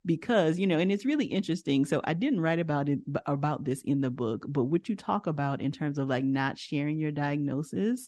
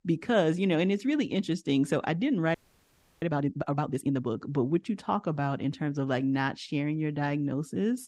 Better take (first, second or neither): first